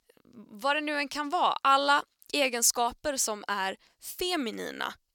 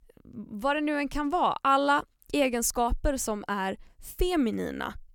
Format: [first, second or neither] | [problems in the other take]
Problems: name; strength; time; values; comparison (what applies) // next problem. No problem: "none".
second | thin; very slightly; fading below 750 Hz